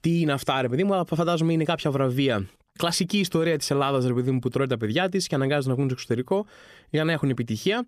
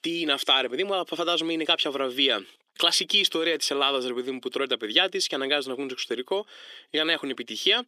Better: first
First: none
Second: thin; somewhat; fading below 300 Hz

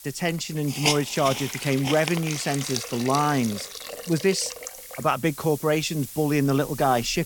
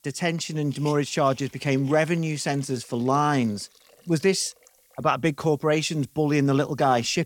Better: second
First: hiss; loud; throughout; 8 dB below the speech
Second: hiss; faint; throughout; 25 dB below the speech

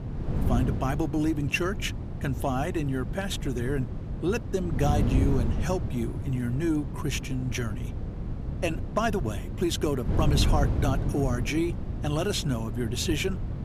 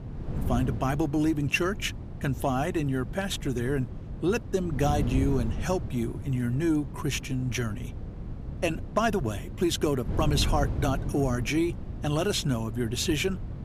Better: second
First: wind noise on the microphone; heavy; 10 dB below the speech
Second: wind noise on the microphone; occasional gusts; 15 dB below the speech

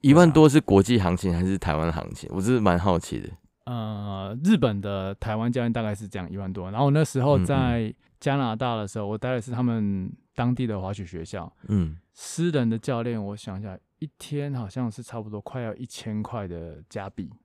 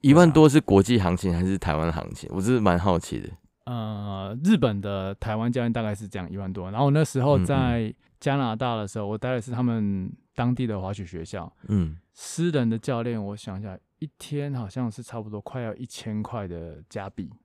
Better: neither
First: none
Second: none

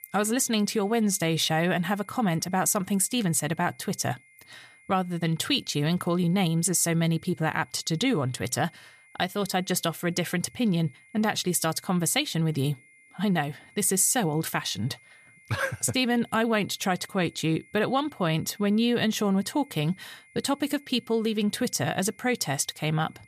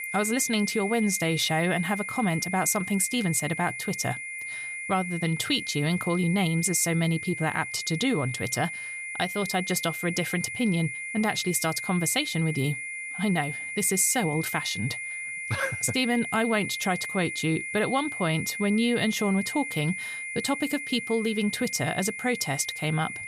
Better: first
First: high-pitched whine; faint; throughout; 2 kHz, 30 dB below the speech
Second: high-pitched whine; loud; throughout; 2 kHz, 6 dB below the speech

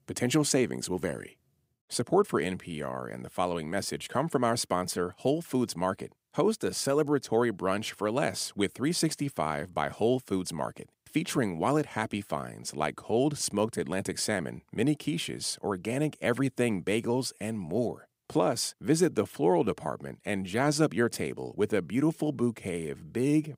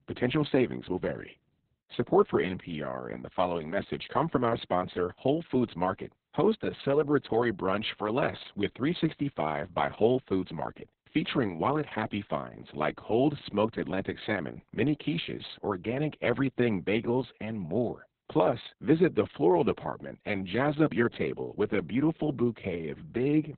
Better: first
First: none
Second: garbled, watery; badly; nothing above 4 kHz

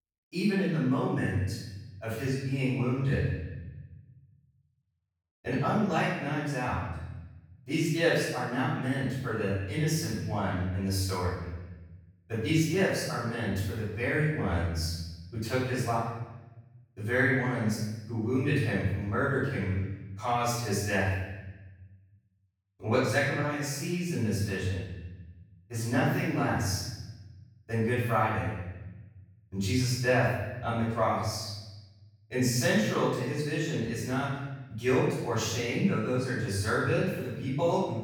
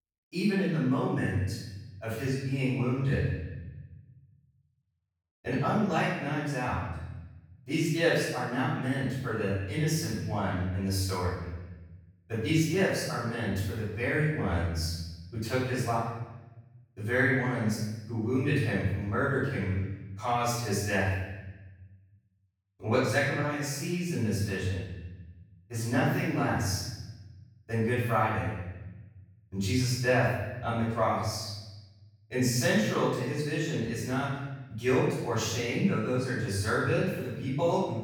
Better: neither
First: off-mic speech; far // room echo; strong; dies away in 1.1 s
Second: off-mic speech; far // room echo; strong; dies away in 1.1 s

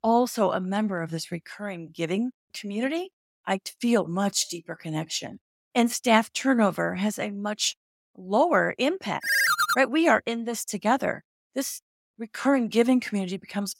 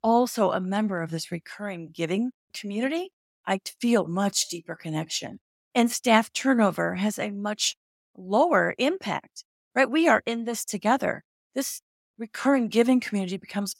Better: second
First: phone ringing; loud; at 9 s; peak 5 dB above the speech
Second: none

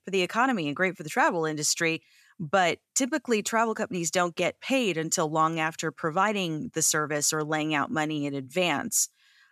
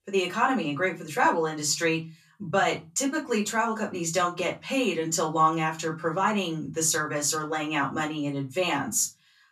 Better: first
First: none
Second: off-mic speech; far // room echo; very slight; dies away in 0.2 s

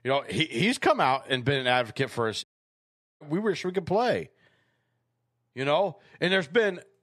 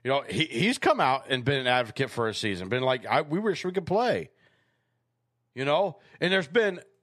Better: second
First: audio cutting out; at 2.5 s for 1 s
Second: none

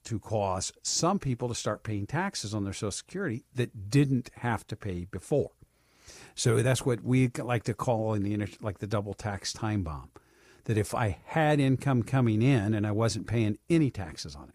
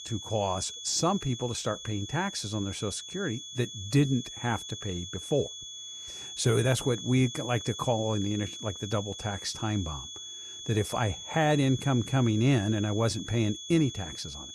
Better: first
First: none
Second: high-pitched whine; loud; throughout; 3.5 kHz, 9 dB below the speech

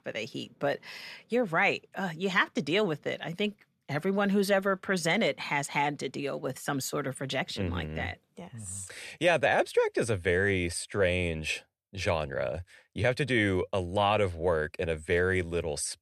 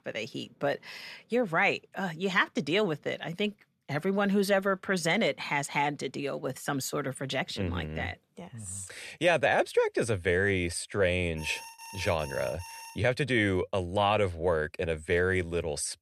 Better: first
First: none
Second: alarm; faint; from 11 to 13 s; peak 15 dB below the speech

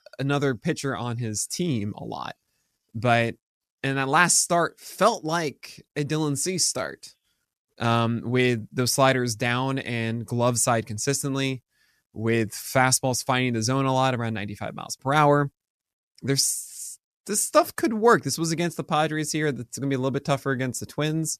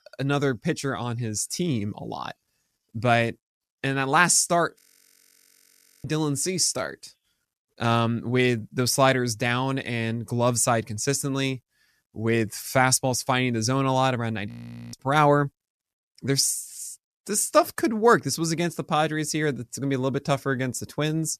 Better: first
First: none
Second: audio freezing; at 5 s for 1.5 s and at 14 s

